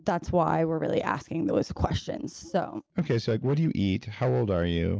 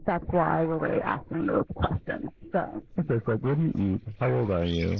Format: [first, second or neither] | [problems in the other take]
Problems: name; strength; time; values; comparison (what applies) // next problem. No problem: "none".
first | noise reduction (neural mask model Resemble Enhance denoiser)